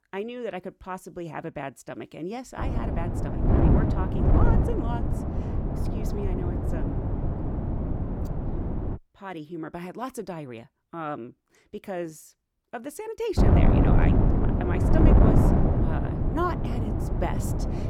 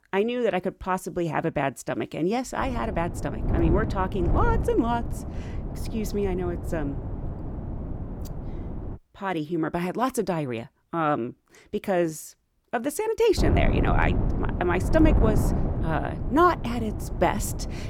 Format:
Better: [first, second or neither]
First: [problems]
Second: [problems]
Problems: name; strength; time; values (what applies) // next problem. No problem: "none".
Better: second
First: wind noise on the microphone; heavy; from 2.5 to 9 s and from 13 s on; 3 dB above the speech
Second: wind noise on the microphone; occasional gusts; from 2.5 to 9 s and from 13 s on; 10 dB below the speech